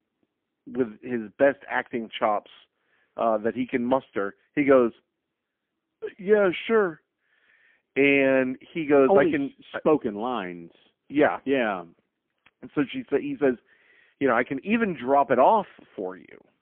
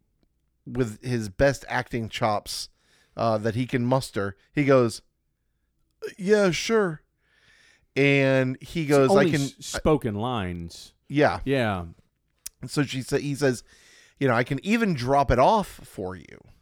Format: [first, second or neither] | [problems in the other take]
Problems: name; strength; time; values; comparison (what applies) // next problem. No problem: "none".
second | phone-call audio; poor line